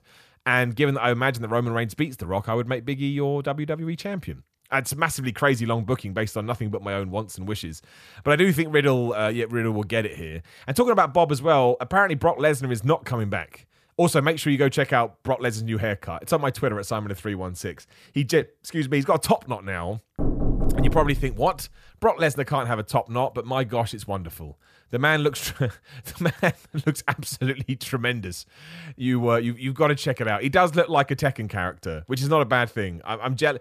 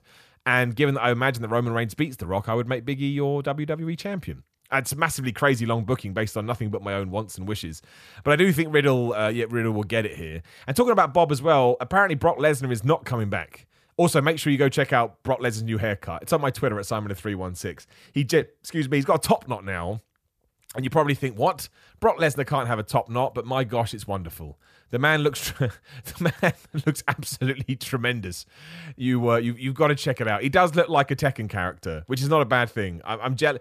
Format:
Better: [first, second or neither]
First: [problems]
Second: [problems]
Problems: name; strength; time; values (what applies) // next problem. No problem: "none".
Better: second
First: door banging; noticeable; from 20 to 21 s; peak 2 dB below the speech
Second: none